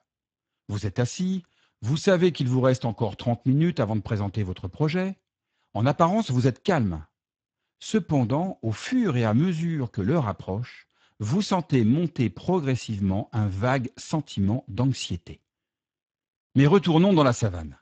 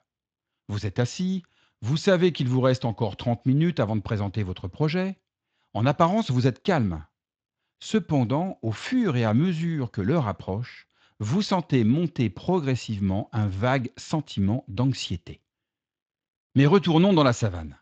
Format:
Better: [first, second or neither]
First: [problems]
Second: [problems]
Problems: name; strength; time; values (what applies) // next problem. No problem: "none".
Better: second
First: garbled, watery; badly; nothing above 7.5 kHz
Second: garbled, watery; slightly; nothing above 7.5 kHz